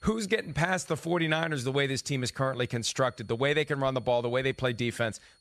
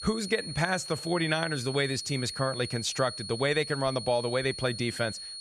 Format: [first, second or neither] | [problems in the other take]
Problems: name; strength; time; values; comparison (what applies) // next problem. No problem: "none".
first | high-pitched whine; loud; throughout; 4.5 kHz, 8 dB below the speech; faint in the first